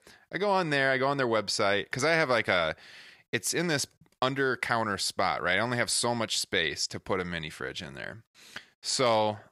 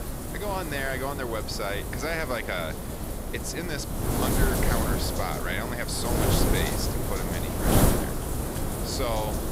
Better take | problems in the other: first | wind noise on the microphone; heavy; 1 dB below the speech

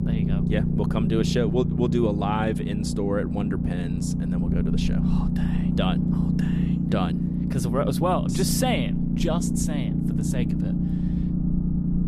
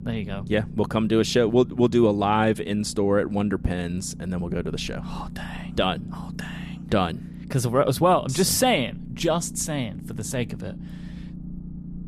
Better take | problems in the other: second | low rumble; loud; throughout; 3 dB below the speech; faint in the second

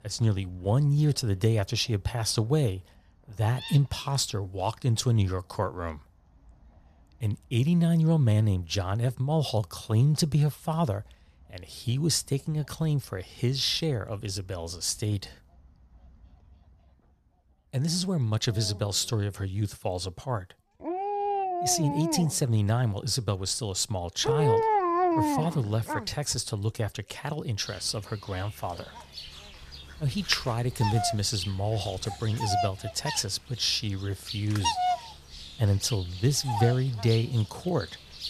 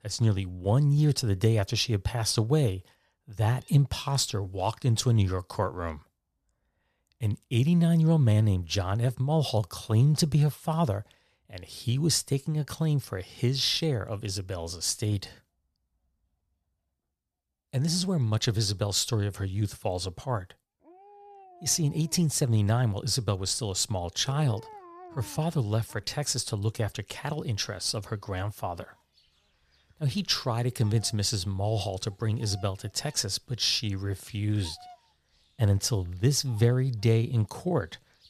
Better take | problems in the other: second | animal sounds; loud; throughout; 4 dB below the speech; faint in the second

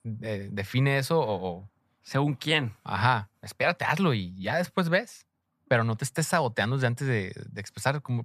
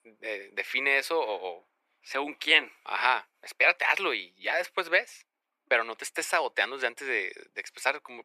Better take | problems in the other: first | thin; very; fading below 350 Hz

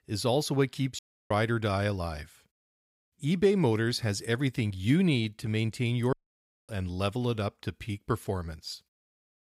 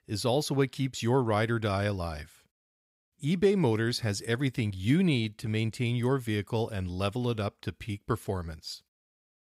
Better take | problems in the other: second | audio cutting out; at 1 s and at 6 s for 0.5 s

